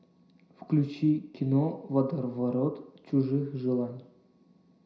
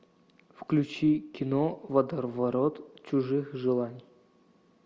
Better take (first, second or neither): second